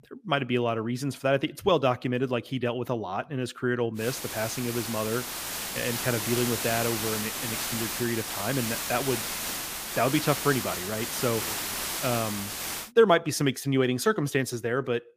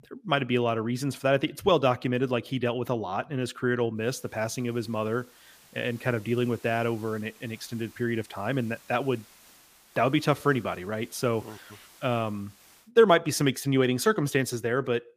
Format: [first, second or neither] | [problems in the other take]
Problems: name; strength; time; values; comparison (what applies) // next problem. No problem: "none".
second | hiss; loud; from 4 to 13 s; 3 dB below the speech; faint in the second